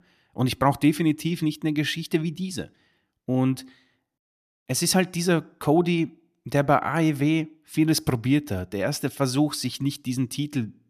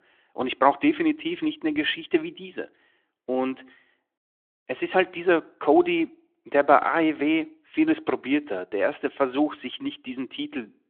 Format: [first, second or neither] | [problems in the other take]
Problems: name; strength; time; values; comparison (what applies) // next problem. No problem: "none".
first | phone-call audio